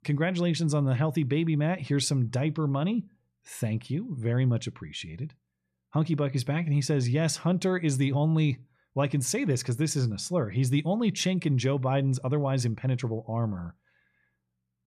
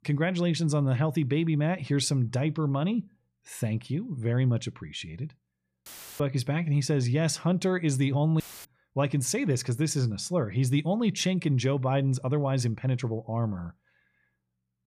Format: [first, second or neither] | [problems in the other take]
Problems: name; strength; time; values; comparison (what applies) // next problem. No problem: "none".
first | audio cutting out; filled with static; at 6 s and at 8.5 s